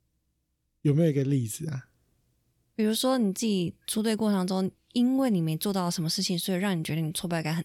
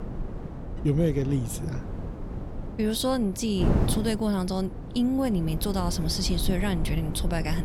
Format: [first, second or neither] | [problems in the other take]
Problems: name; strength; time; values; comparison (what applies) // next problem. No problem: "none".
first | wind noise on the microphone; heavy; 9 dB below the speech